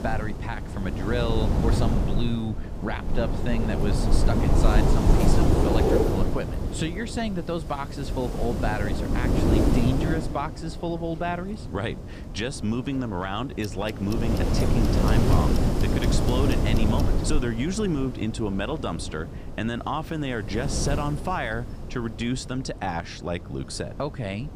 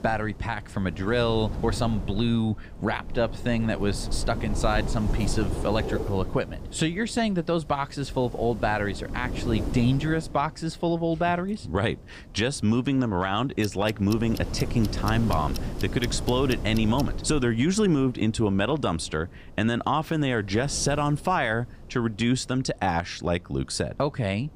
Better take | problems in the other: second | wind noise on the microphone; heavy; as loud as the speech; occasional gusts in the second

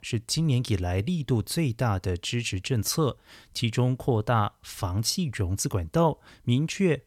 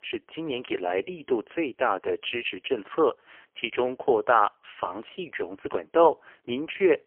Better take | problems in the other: first | phone-call audio; poor line; nothing above 3 kHz

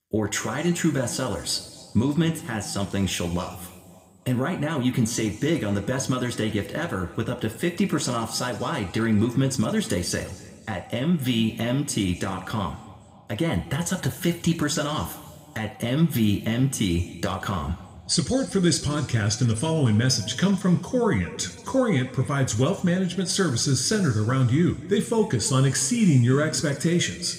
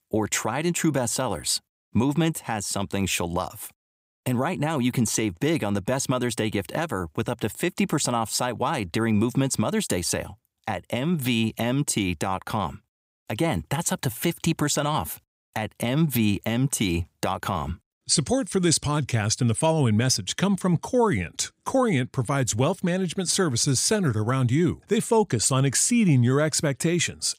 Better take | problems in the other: second | room echo; slight; dies away in 1.6 s

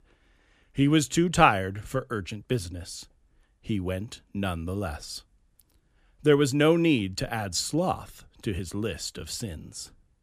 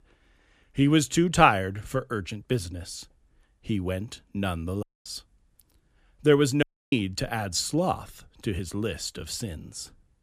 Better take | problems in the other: first | audio cutting out; at 5 s and at 6.5 s

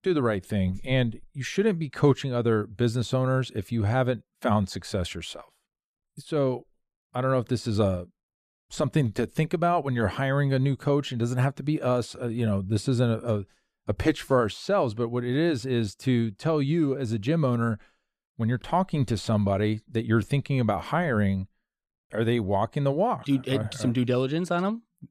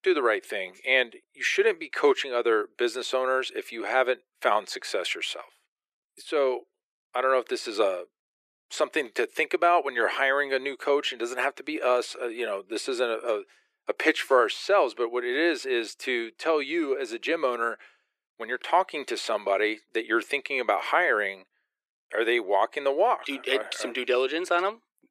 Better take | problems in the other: first | thin; very; fading below 350 Hz

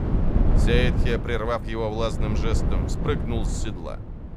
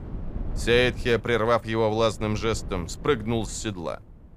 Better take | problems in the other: second | wind noise on the microphone; heavy; 6 dB below the speech; occasional gusts in the second

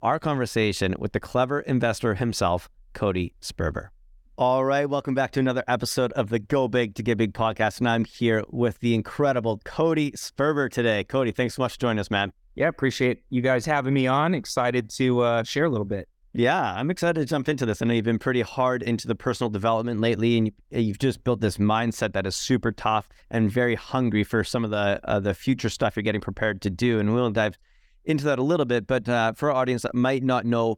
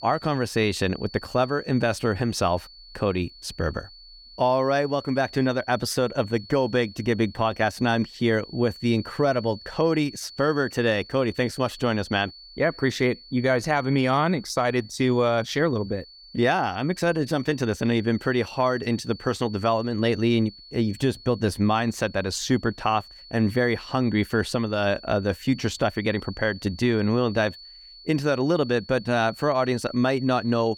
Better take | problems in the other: first | high-pitched whine; noticeable; throughout; 4.5 kHz, 20 dB below the speech

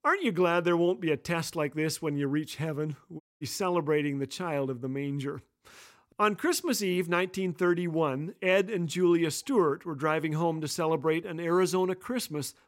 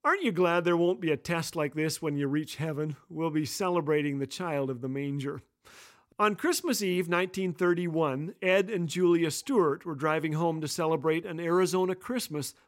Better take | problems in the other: second | audio cutting out; at 3 s

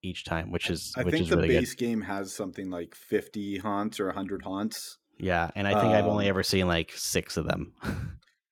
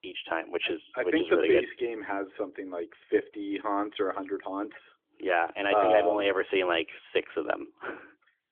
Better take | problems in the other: first | phone-call audio; nothing above 3.5 kHz

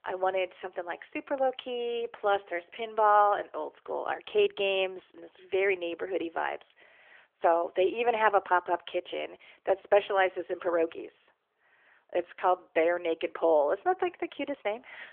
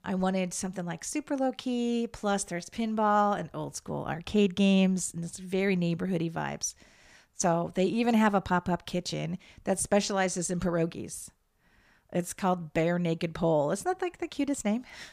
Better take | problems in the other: second | phone-call audio; nothing above 3.5 kHz

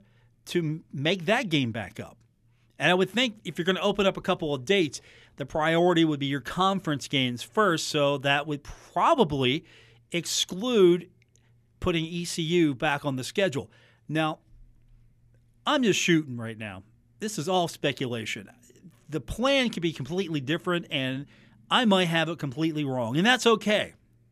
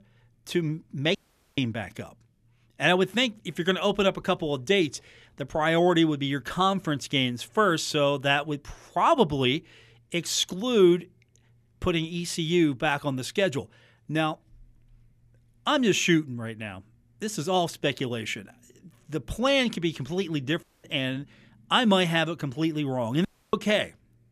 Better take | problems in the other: first | audio cutting out; at 1 s, at 21 s and at 23 s

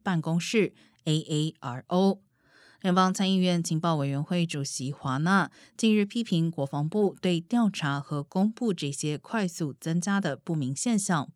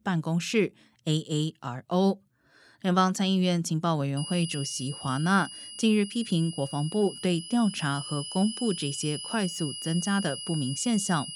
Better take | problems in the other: first | high-pitched whine; loud; from 4 s on; 3 kHz, 9 dB below the speech

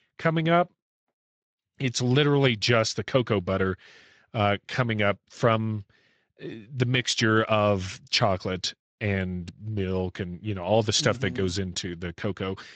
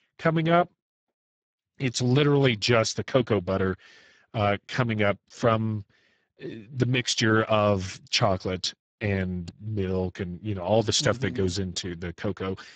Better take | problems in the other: first | garbled, watery; badly; nothing above 7.5 kHz; slightly in the first

